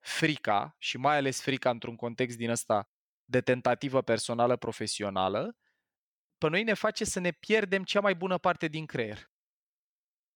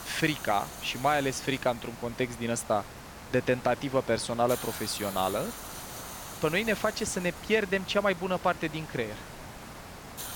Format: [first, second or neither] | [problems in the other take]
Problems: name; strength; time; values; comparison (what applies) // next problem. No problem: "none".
first | hiss; noticeable; throughout; 10 dB below the speech